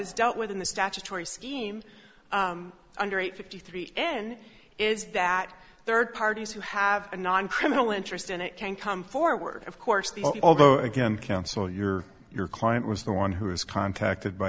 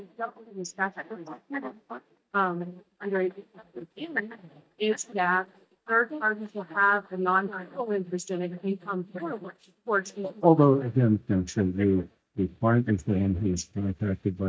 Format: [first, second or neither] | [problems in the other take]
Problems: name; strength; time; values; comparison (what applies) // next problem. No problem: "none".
first | noise reduction (neural mask model DeepFilterNet 3)